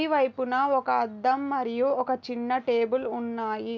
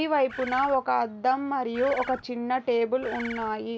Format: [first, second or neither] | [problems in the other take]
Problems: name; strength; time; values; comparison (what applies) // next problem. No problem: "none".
first | background sound (Bird); 12 dB below the speech